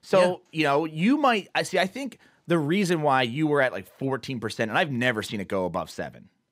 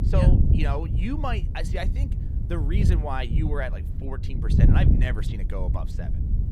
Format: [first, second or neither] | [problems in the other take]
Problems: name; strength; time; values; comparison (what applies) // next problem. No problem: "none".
first | wind noise on the microphone; heavy; 4 dB below the speech